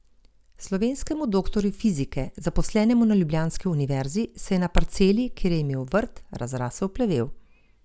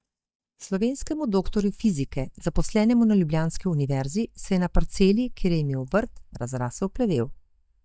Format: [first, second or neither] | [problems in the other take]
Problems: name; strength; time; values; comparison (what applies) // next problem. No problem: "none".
first | noise reduction (neural mask model DeepFilterNet 3)